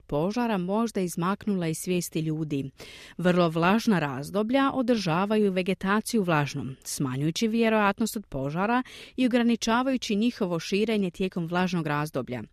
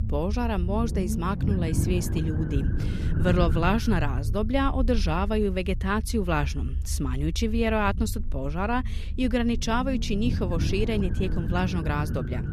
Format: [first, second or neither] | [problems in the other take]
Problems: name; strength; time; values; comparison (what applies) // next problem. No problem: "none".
first | low rumble; noticeable; throughout; 10 dB below the speech